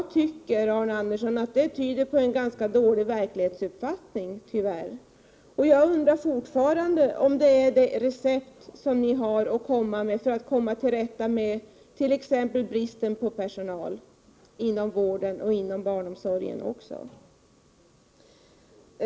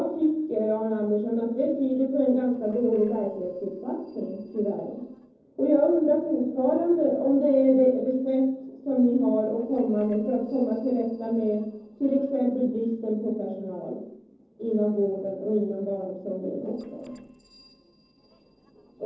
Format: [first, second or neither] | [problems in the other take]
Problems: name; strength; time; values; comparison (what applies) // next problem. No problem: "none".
first | noise reduction (neural separator model SepFormer DNS4)